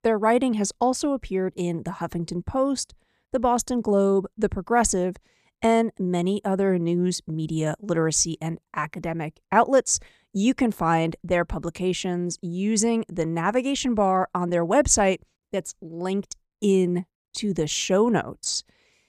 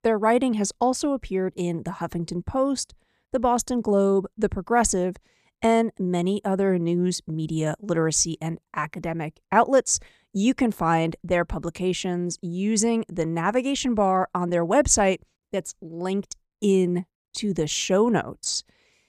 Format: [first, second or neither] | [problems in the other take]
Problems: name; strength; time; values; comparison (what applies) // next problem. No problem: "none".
neither | none